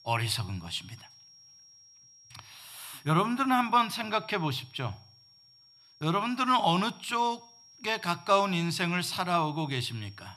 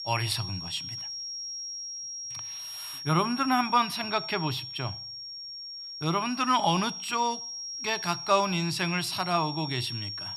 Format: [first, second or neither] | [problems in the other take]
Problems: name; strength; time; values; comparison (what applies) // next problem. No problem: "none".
first | high-pitched whine; loud; throughout; 5.5 kHz, 7 dB below the speech; faint in the first